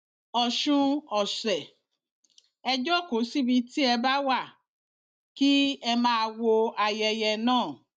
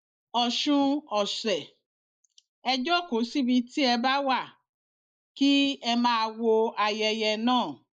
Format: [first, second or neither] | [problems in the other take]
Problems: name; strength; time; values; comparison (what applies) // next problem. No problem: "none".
first | noise reduction (neural mask model Resemble Enhance denoiser)